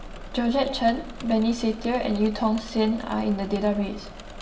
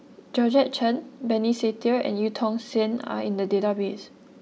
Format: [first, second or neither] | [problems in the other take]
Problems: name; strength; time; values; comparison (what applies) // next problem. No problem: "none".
second | background sound (Engine / Mechanisms); 13 dB below the speech // room echo; dies away in 0.9 s